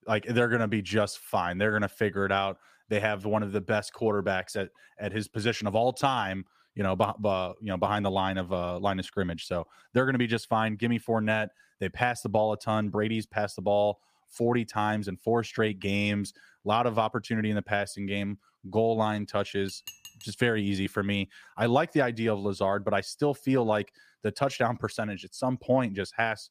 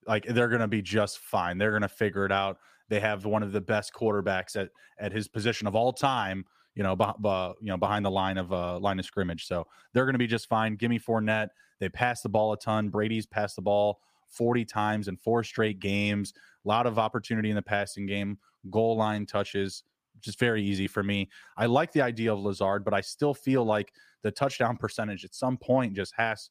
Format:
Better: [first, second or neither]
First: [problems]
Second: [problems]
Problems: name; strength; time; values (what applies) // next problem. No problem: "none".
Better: second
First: clattering dishes; faint; at 20 s; peak 15 dB below the speech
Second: none